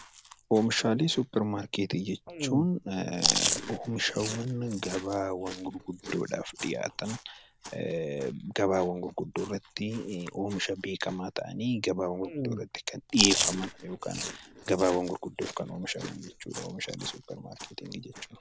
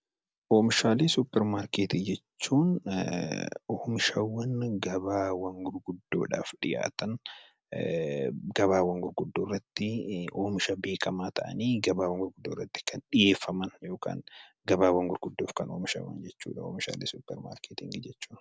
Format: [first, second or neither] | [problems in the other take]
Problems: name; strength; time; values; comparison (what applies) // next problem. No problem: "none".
second | background sound (Chewing, mastication); 6 dB below the speech